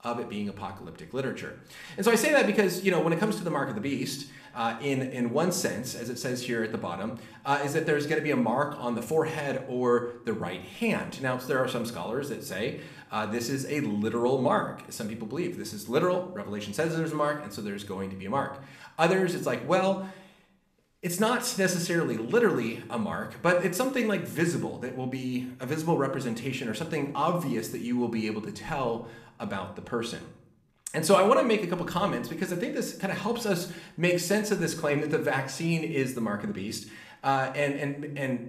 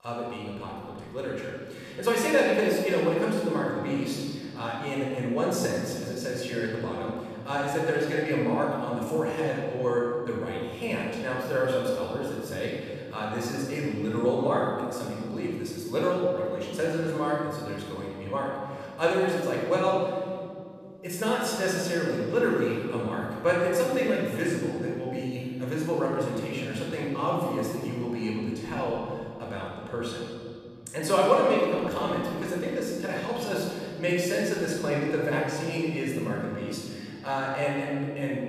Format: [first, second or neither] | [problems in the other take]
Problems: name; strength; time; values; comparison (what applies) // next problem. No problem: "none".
first | room echo; strong; dies away in 2.3 s; slight in the first // off-mic speech; far